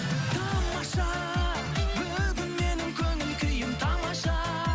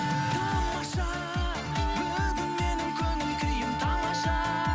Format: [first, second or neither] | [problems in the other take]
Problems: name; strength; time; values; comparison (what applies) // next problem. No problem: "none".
first | background sound (Wind instrument, woodwind instrument); 3 dB below the speech